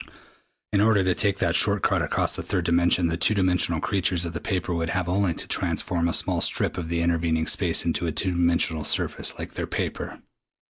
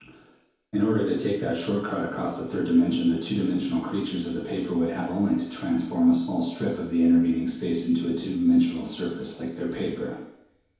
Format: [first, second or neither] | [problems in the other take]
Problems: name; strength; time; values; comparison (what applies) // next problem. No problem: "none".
first | room echo; dies away in 2.2 s